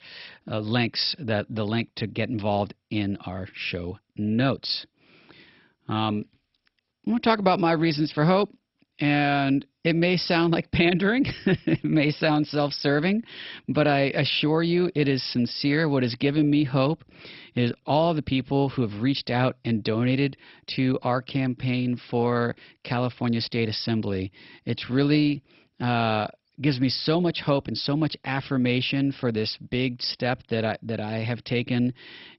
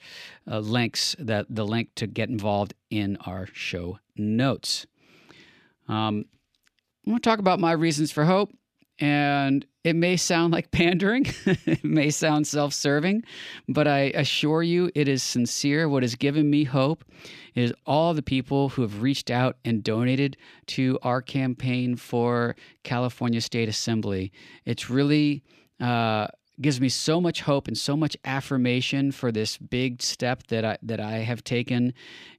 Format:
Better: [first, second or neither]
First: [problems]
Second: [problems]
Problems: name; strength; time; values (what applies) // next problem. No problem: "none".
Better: second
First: garbled, watery; badly; nothing above 5.5 kHz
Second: none